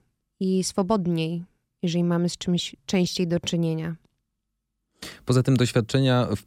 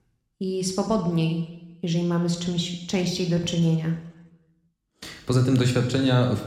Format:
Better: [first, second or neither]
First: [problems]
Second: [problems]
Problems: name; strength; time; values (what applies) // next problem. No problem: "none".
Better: first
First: none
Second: room echo; slight; dies away in 0.8 s